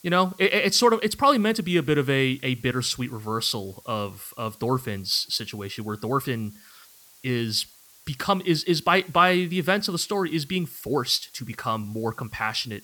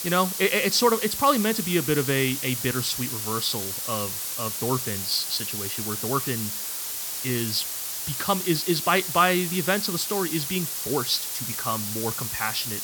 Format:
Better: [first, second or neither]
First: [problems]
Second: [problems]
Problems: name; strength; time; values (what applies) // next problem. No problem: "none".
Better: first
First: hiss; faint; throughout; 25 dB below the speech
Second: hiss; loud; throughout; 2 dB below the speech